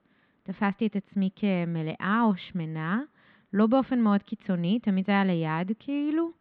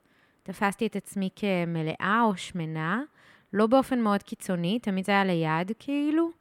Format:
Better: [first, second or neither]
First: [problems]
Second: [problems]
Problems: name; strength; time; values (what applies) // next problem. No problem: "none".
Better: second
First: muffled; slightly; fading above 4 kHz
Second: none